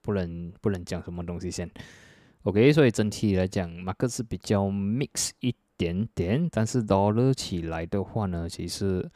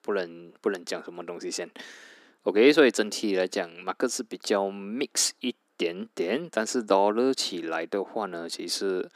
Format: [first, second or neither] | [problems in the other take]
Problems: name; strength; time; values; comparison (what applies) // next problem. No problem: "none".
first | thin; somewhat; fading below 250 Hz